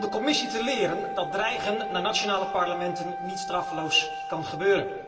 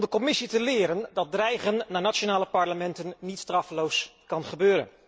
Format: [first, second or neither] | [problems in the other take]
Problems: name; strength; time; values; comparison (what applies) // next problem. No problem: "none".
second | background sound (Wind instrument, woodwind instrument); 6 dB below the speech // room echo; dies away in 2.2 s